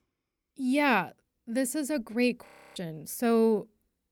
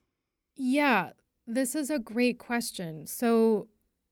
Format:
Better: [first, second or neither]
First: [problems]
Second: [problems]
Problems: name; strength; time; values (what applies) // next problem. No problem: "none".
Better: second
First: audio freezing; at 2.5 s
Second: none